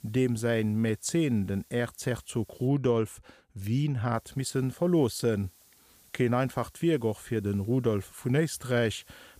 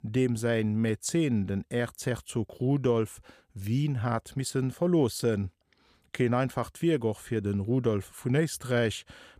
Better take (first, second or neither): second